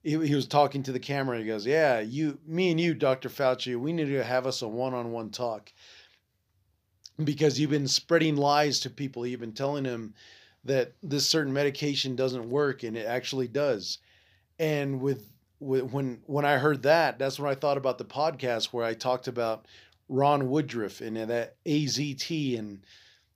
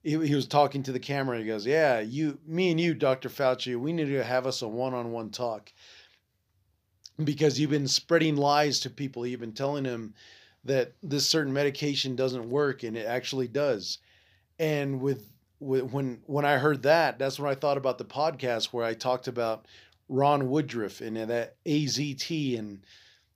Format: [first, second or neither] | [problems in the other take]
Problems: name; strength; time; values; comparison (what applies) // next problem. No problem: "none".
neither | none